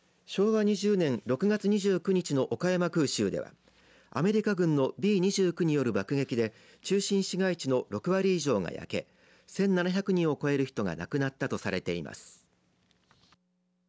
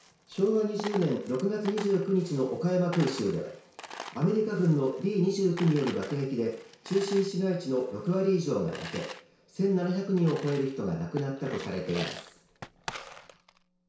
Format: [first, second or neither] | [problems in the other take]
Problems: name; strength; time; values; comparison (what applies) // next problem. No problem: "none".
first | background sound (Coin (dropping)); 16 dB below the speech // room echo; dies away in 0.6 s